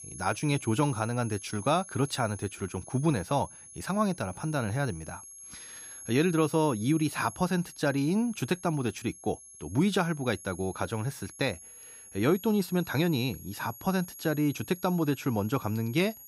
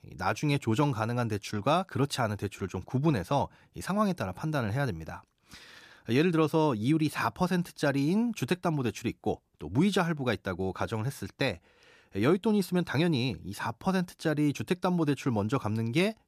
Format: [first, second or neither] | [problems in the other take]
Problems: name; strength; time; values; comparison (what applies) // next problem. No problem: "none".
second | high-pitched whine; noticeable; throughout; 11 kHz, 15 dB below the speech